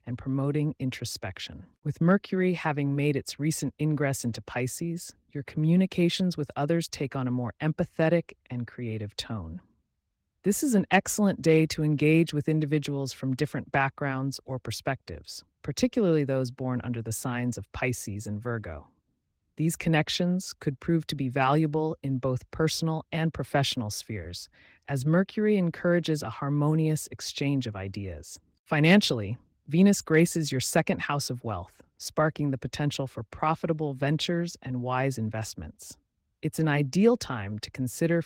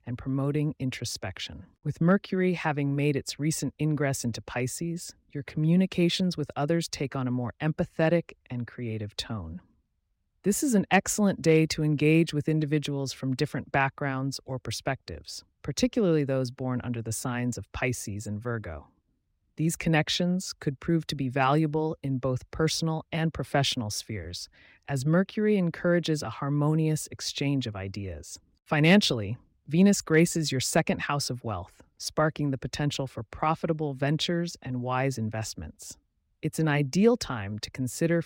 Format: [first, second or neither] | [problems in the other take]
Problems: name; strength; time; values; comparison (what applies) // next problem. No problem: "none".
second | garbled, watery; slightly; nothing above 16 kHz